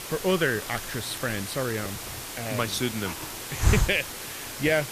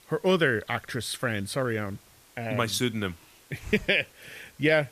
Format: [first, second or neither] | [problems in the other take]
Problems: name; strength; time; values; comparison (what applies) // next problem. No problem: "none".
second | hiss; loud; throughout; 3 dB below the speech; faint in the second